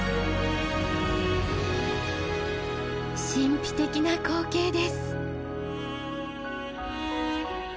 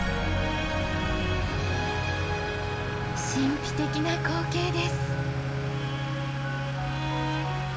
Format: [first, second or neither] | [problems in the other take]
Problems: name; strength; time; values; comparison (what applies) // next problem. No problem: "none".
first | background sound (Accelerating, revving, vroom / Motor vehicle (road)); 3 dB below the speech // room echo; dies away in 0.4 s